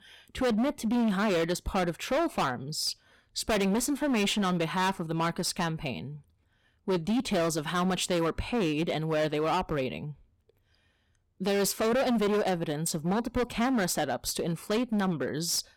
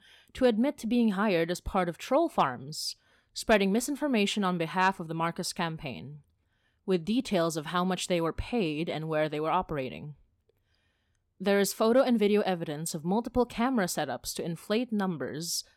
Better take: second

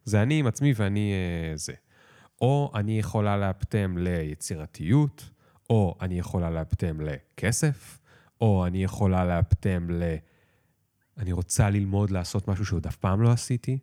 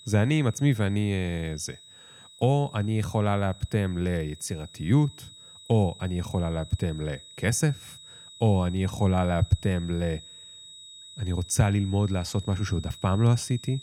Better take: first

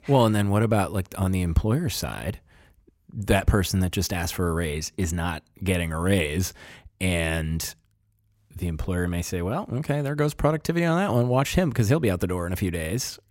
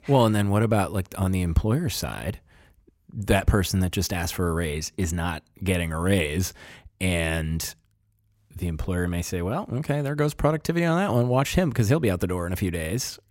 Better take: neither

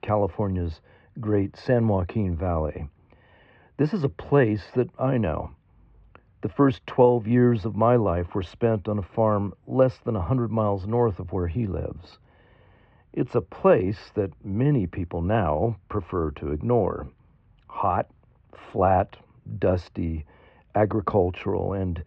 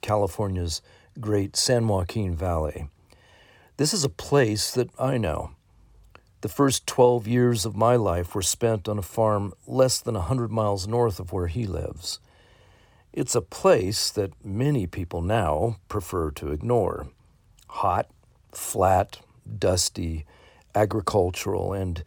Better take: second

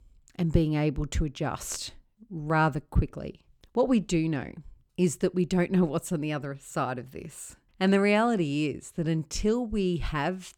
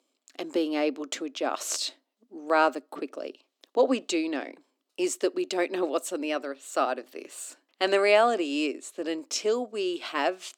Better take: first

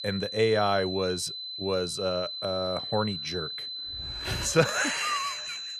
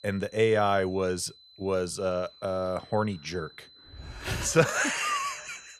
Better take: second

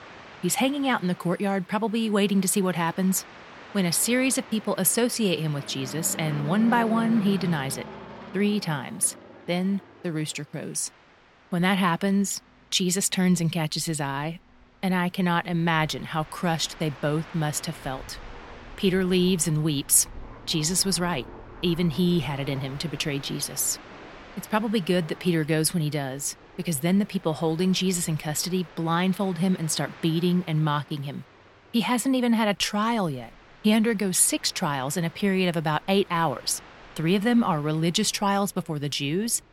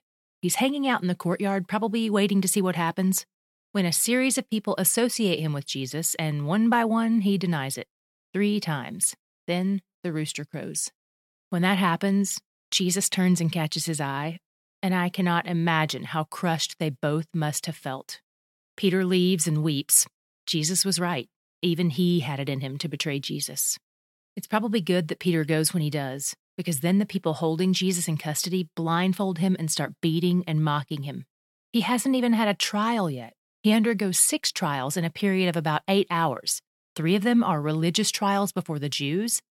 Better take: second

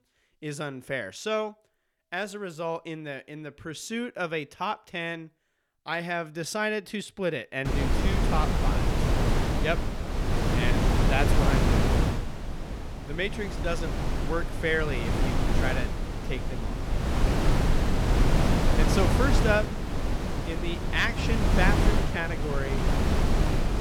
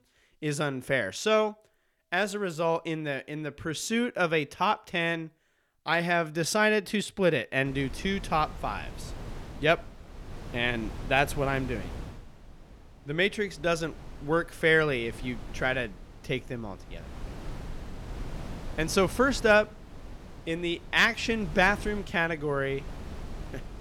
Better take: second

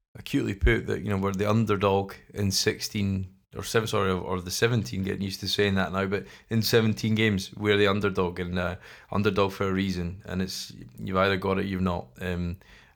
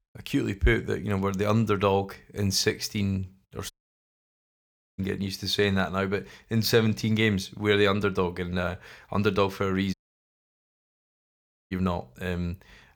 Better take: first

